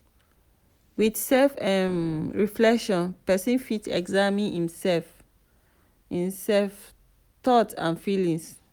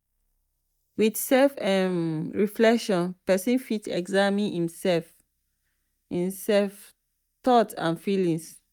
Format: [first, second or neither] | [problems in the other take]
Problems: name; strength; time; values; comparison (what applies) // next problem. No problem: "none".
first | noise reduction (neural mask model DeepFilterNet 3)